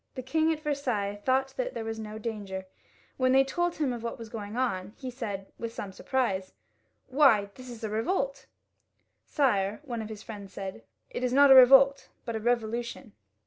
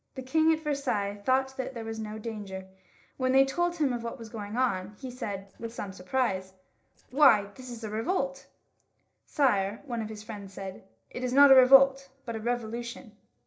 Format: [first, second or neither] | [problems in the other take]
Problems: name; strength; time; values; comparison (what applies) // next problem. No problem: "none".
first | noise reduction (neural separator model SepFormer DNS4)